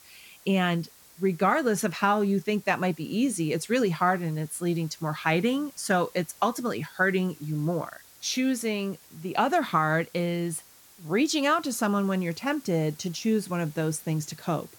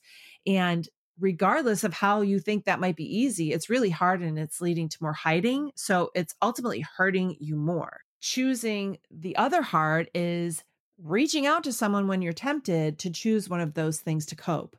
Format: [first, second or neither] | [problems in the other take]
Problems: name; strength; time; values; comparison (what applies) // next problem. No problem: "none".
second | hiss; faint; throughout; 25 dB below the speech